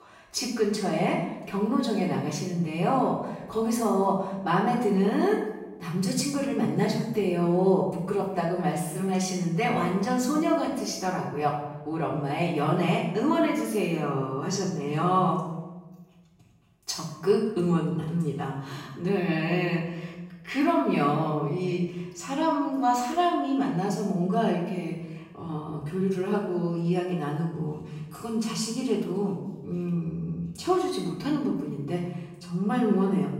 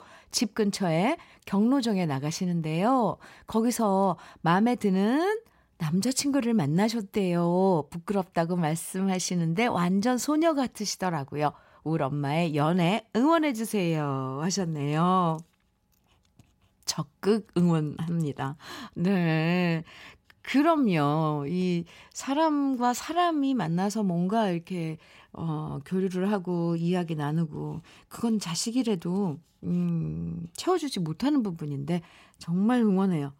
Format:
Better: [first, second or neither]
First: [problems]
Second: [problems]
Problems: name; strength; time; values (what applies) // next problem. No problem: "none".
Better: second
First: off-mic speech; far // room echo; noticeable; dies away in 0.9 s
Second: none